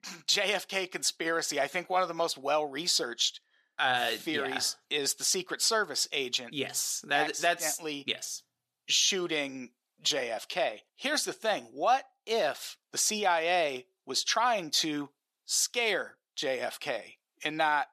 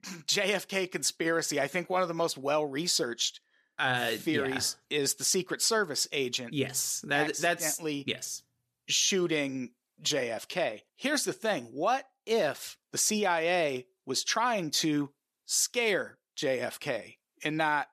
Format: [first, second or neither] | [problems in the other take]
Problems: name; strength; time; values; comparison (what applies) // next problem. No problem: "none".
second | thin; very slightly; fading below 650 Hz